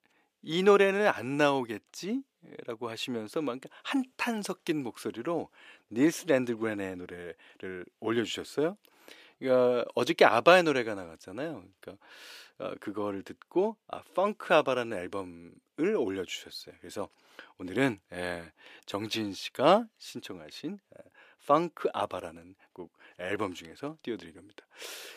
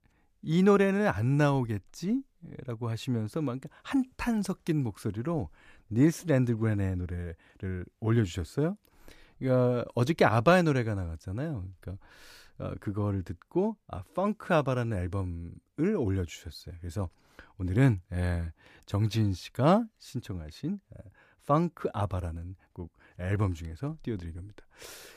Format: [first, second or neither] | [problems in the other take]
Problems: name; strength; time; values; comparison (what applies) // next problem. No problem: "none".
second | thin; somewhat; fading below 400 Hz